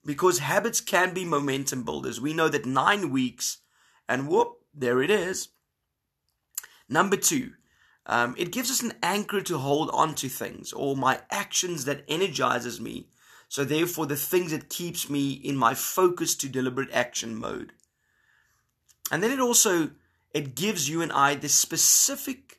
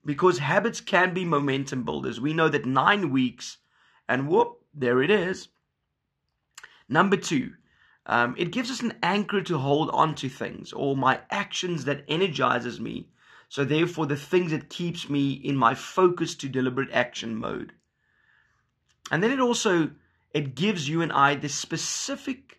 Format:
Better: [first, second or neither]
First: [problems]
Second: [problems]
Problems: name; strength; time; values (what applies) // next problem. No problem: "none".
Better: first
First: none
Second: muffled; slightly; fading above 3 kHz